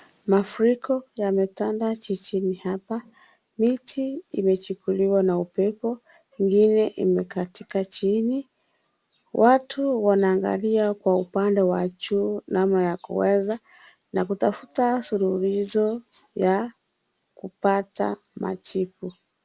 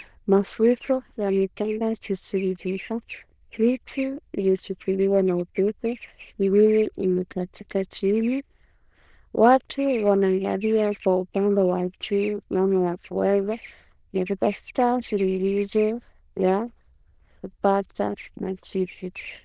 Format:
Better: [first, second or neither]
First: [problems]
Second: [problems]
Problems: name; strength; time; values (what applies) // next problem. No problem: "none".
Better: first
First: none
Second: noise reduction (neural diffusion model UNIVERSE++)